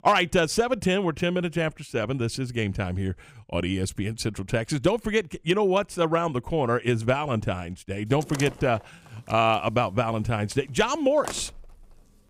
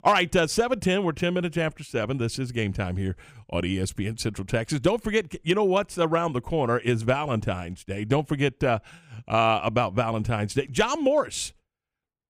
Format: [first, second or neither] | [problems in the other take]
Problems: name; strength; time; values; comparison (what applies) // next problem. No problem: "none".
second | door banging; faint; from 8 s on; peak 10 dB below the speech